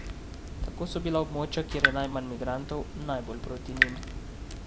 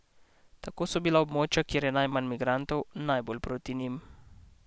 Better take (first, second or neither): second